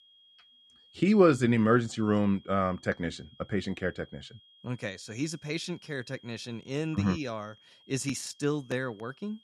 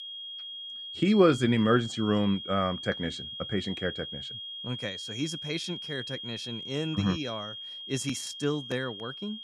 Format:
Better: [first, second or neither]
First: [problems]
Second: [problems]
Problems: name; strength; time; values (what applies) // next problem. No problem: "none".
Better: first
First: high-pitched whine; faint; throughout; 3.5 kHz, 30 dB below the speech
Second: high-pitched whine; loud; throughout; 3.5 kHz, 8 dB below the speech